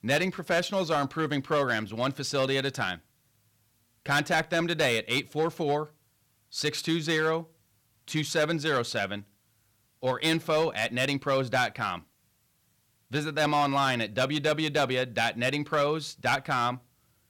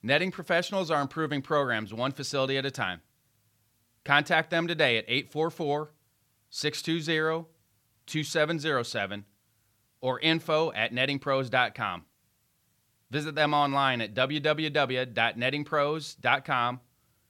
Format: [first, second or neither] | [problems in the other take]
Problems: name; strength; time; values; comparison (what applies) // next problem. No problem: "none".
second | distortion; slight; 4% of the sound clipped